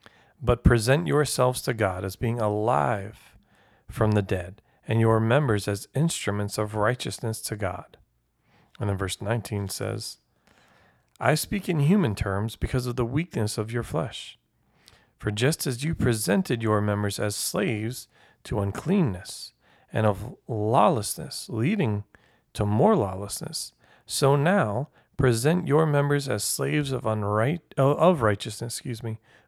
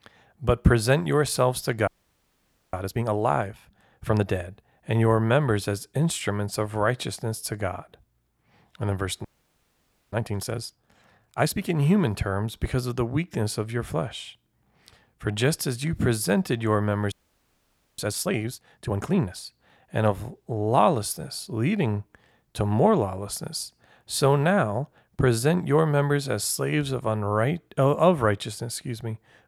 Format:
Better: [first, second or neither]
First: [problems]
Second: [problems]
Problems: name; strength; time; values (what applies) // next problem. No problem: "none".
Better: first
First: none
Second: audio freezing; at 2 s for 1 s, at 9.5 s for 1 s and at 17 s for 1 s